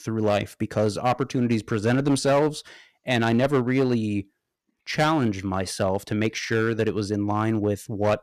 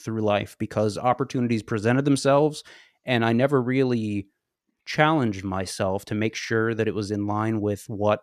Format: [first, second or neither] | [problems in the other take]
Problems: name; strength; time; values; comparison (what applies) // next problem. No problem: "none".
second | distortion; slight; 7% of the sound clipped